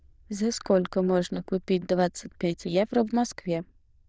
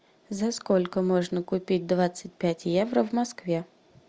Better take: second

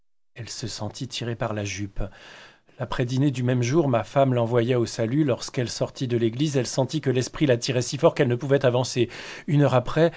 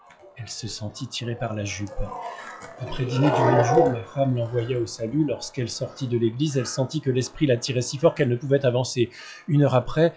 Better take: first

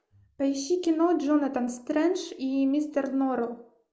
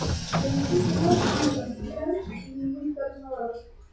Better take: first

